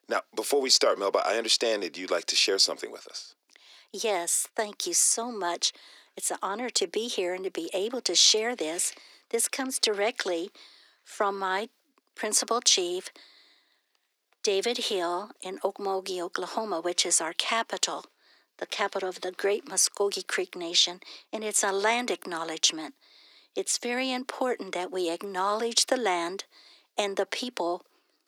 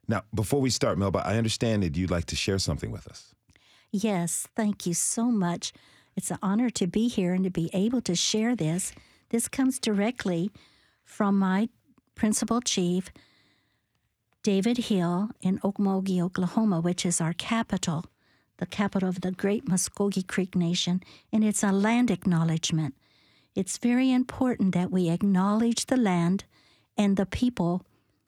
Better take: second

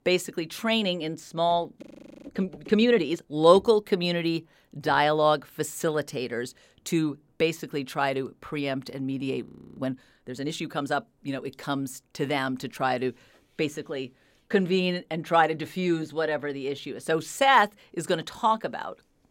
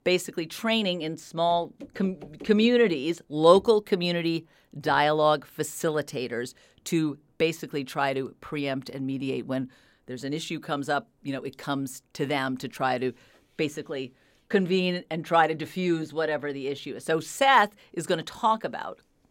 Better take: second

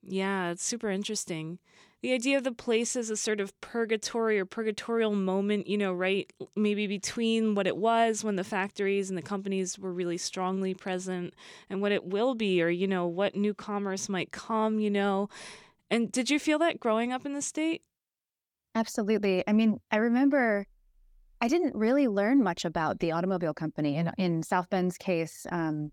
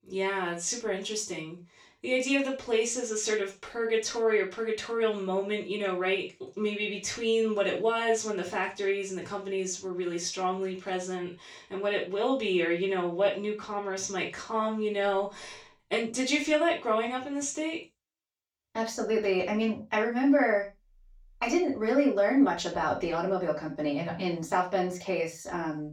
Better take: first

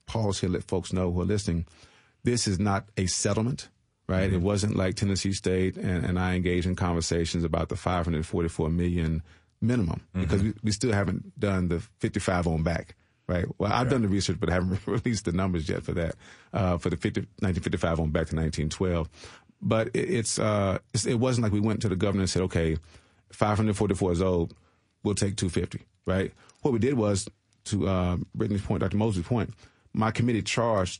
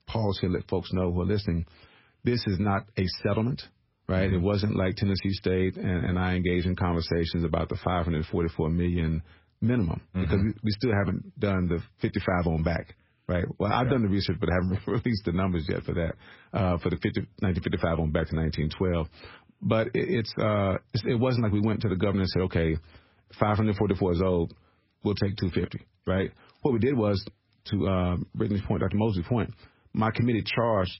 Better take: first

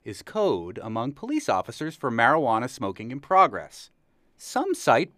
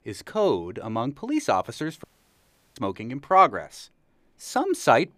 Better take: first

